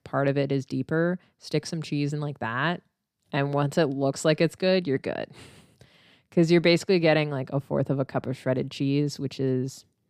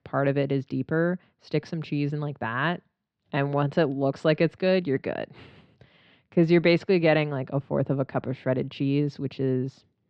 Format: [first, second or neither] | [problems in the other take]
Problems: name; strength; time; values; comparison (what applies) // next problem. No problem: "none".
first | muffled; very slightly; fading above 3.5 kHz